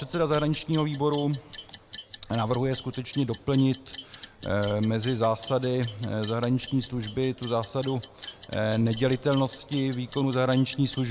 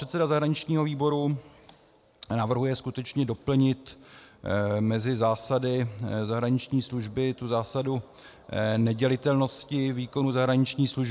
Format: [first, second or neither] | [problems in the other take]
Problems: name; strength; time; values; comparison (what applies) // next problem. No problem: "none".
second | background sound (Clock); 18 dB below the speech